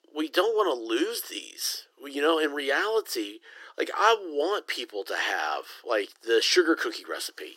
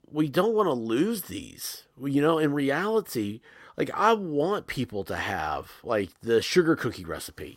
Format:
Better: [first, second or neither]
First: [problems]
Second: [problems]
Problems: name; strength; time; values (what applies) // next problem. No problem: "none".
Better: second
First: thin; very; fading below 350 Hz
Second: none